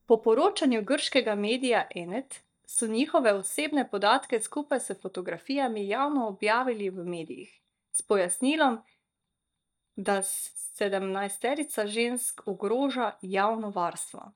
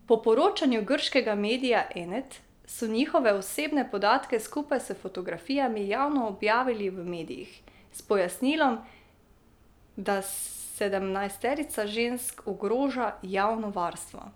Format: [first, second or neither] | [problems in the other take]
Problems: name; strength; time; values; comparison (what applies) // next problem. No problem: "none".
second | noise reduction (neural mask model DeepFilterNet 3)